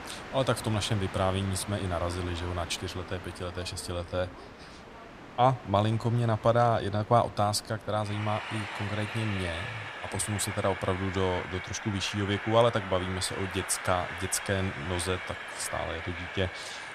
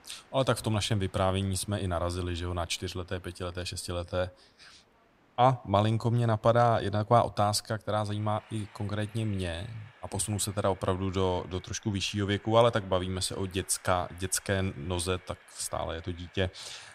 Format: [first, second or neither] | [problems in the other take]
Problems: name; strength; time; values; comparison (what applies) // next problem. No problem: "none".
second | train or aircraft noise; loud; throughout; 9 dB below the speech; faint in the second